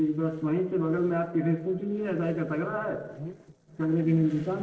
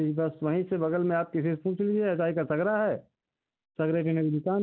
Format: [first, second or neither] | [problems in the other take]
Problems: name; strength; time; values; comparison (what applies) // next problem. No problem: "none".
second | noise reduction (neural separator model SepFormer DNS4)